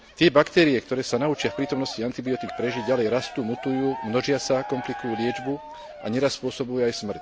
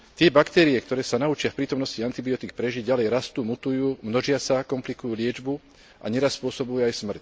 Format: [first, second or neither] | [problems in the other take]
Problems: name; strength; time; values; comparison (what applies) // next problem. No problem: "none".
second | background sound (Cheering); 13 dB below the speech